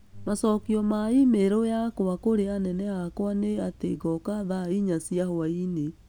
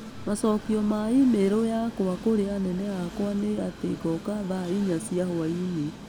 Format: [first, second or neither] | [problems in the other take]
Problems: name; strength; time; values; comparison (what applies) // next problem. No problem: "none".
first | background sound (Train); 15 dB below the speech